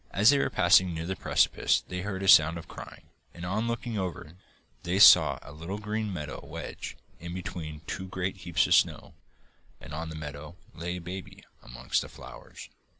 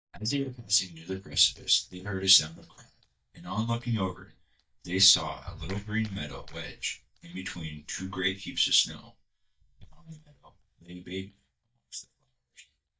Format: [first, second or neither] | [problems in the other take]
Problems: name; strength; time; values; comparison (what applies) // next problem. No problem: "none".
first | noise reduction (neural mask model DeepFilterNet 3)